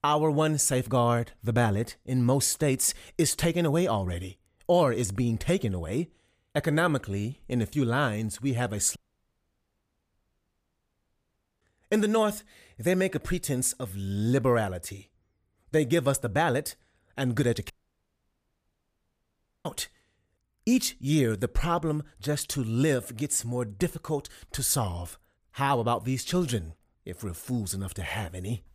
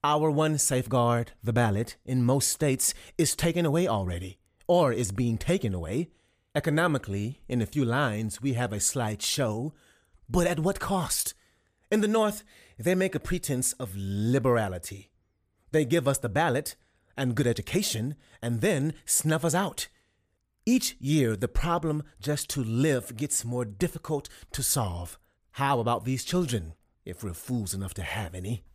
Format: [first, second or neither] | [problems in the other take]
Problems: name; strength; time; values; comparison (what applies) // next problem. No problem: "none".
second | audio cutting out; at 9 s for 2.5 s and at 18 s for 2 s